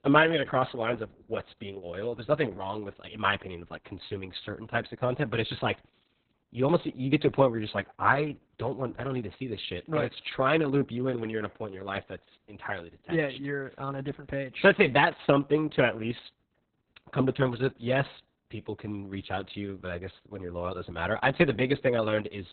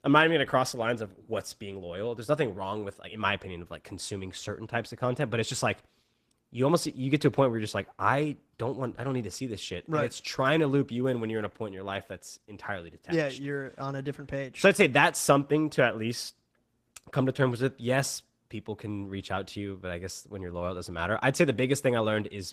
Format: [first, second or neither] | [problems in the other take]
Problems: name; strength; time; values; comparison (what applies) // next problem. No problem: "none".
second | garbled, watery; badly; nothing above 4 kHz; slightly in the second